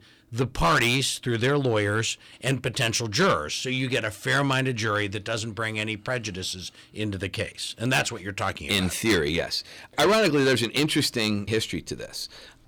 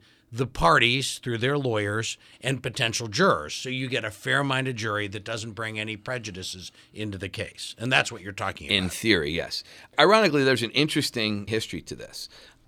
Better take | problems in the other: second | distortion; heavy; 8 dB below the speech

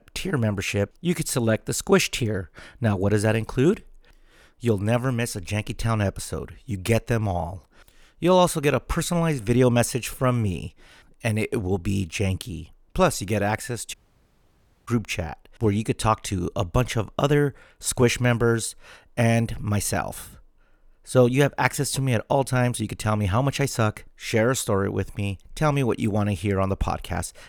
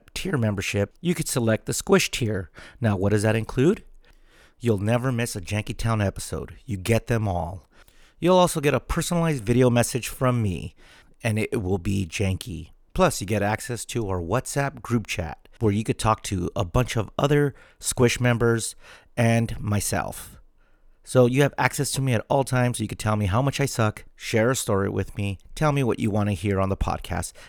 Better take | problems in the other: second | audio cutting out; at 14 s for 1 s

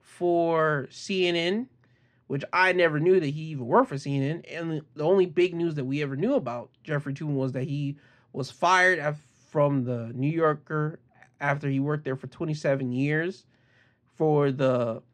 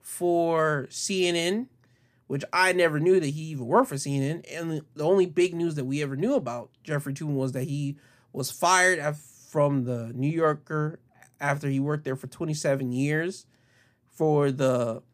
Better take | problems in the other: second | muffled; slightly; fading above 3 kHz

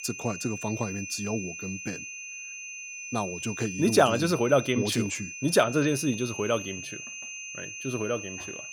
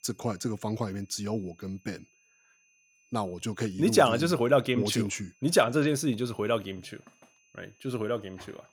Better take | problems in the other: second | high-pitched whine; loud; throughout; 2.5 kHz, 9 dB below the speech; faint in the second

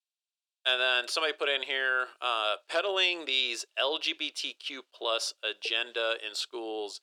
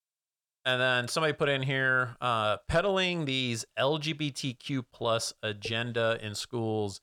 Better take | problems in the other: second | thin; very; fading below 350 Hz

